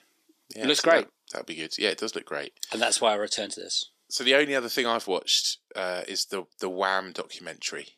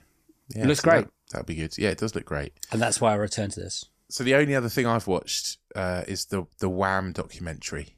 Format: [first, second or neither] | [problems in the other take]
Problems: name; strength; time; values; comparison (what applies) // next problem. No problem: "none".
second | thin; somewhat; fading below 300 Hz